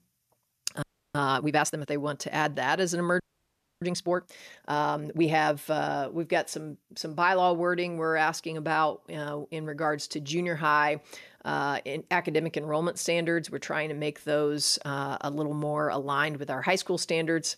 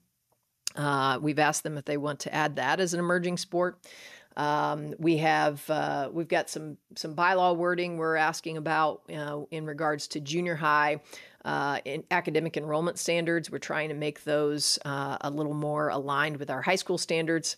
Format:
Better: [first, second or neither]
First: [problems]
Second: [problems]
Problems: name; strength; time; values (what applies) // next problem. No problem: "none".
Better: second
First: audio freezing; at 1 s and at 3 s for 0.5 s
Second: none